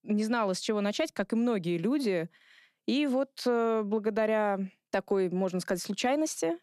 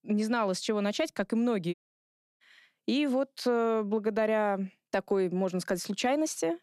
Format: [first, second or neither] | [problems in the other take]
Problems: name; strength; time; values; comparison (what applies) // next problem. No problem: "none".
first | audio cutting out; at 1.5 s for 0.5 s